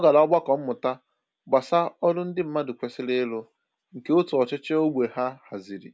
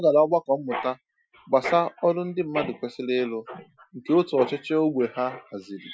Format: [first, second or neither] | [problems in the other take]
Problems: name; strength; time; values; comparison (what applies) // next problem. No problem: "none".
first | noise reduction (classical method Wiener filter)